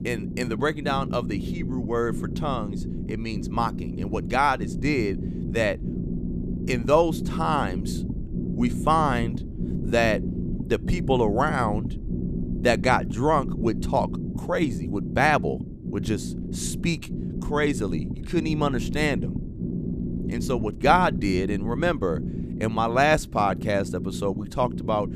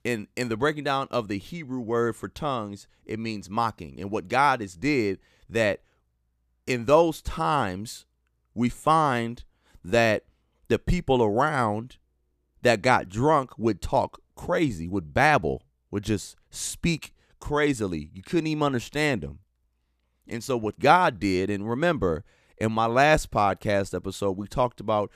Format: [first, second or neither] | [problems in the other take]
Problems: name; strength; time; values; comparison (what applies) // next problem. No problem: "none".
second | low rumble; noticeable; throughout; 15 dB below the speech